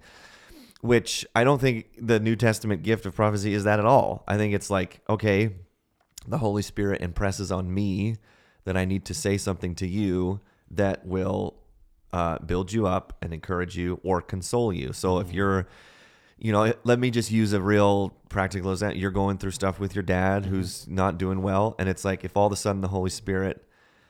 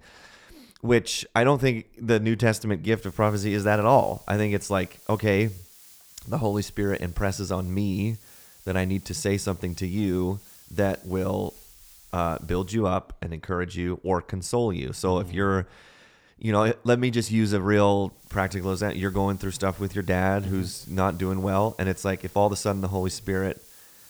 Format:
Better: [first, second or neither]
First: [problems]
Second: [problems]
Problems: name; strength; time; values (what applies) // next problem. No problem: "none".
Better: first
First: none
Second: hiss; faint; from 3 to 13 s and from 18 s on; 20 dB below the speech